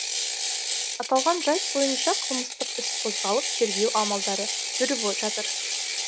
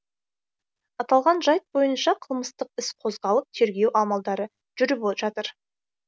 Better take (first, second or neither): second